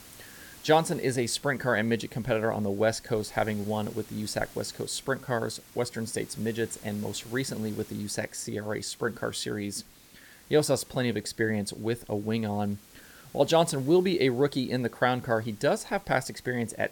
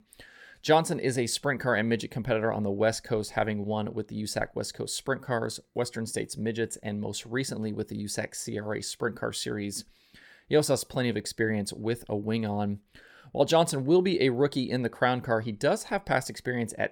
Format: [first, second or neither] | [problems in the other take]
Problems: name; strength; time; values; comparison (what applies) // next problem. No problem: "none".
second | hiss; faint; throughout; 20 dB below the speech